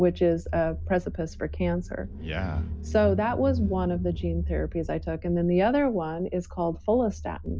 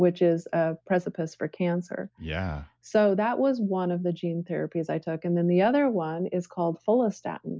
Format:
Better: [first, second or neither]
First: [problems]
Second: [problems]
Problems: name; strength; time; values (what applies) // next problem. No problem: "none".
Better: second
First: background sound (Engine / Car); 7 dB below the speech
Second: none